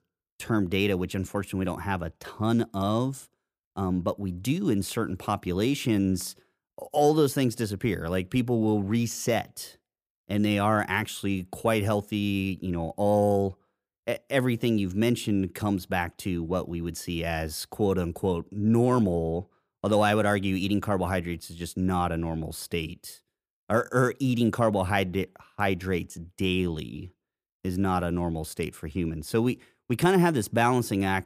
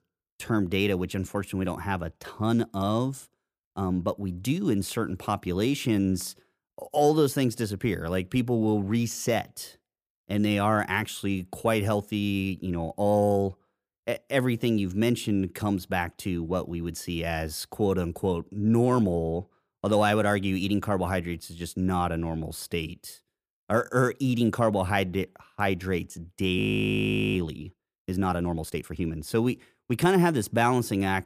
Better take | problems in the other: first | audio freezing; at 27 s for 1 s

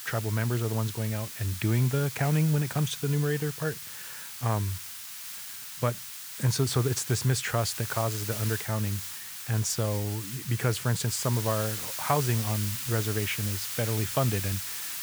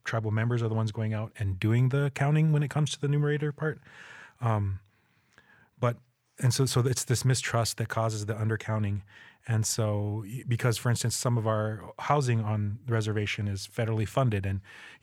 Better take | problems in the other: second | hiss; loud; throughout; 6 dB below the speech

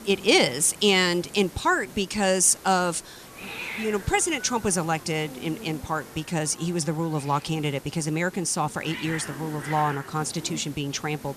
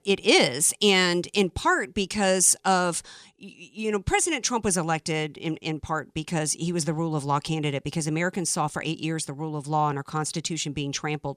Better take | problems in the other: second | hiss; noticeable; throughout; 15 dB below the speech

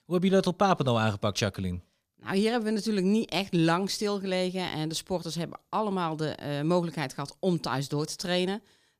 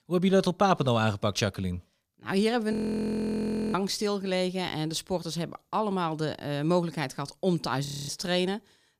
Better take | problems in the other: first | audio freezing; at 2.5 s for 1 s and at 8 s

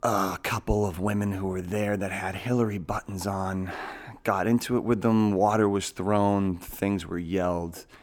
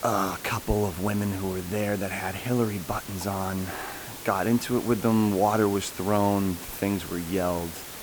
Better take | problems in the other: first | hiss; noticeable; throughout; 10 dB below the speech

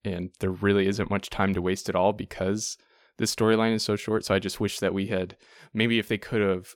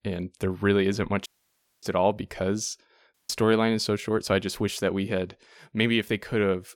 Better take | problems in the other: first | audio cutting out; at 1.5 s for 0.5 s and at 3 s

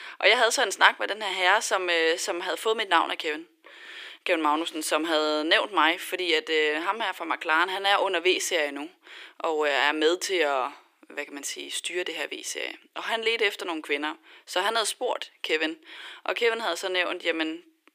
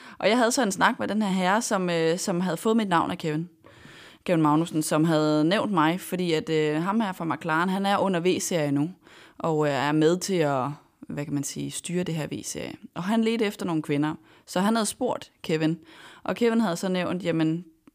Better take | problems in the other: second | thin; very; fading below 350 Hz

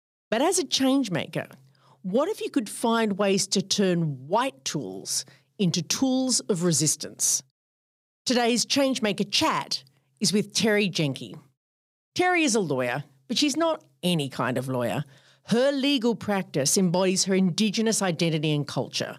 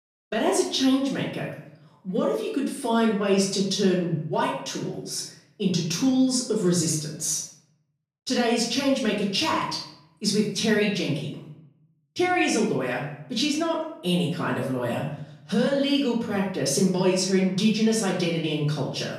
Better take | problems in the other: first | room echo; noticeable; dies away in 0.6 s // off-mic speech; far

